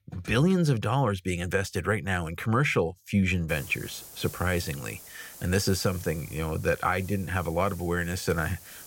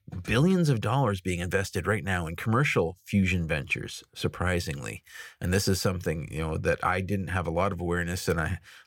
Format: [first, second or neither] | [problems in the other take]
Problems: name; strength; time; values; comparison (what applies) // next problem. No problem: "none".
second | hiss; noticeable; from 3.5 s on; 15 dB below the speech